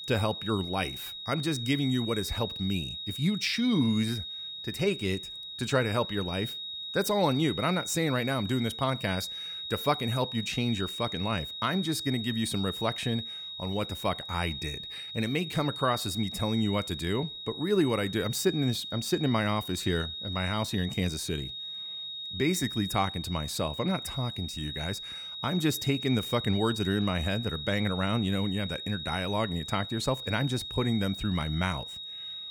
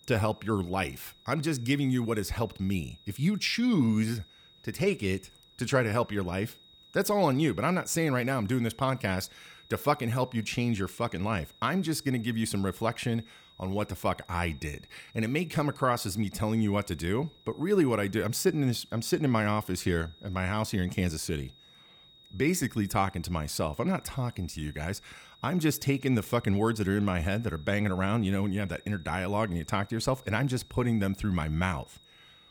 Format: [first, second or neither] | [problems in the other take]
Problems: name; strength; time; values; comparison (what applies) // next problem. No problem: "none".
second | high-pitched whine; loud; throughout; 4 kHz, 6 dB below the speech; faint in the second